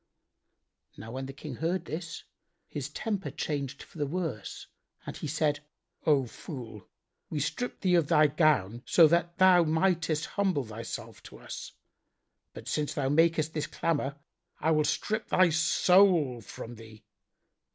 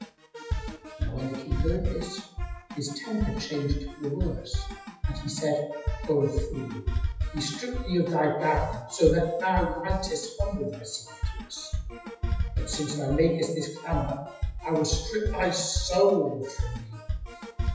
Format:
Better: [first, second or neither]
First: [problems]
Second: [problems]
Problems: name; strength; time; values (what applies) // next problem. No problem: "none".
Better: first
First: none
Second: noise reduction (classical method WPE with log-MMSE)